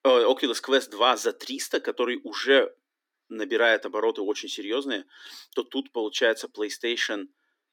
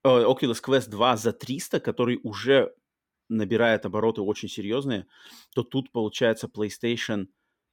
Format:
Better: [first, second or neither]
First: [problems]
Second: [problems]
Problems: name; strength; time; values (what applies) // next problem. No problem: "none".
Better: second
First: thin; very slightly; fading below 250 Hz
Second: none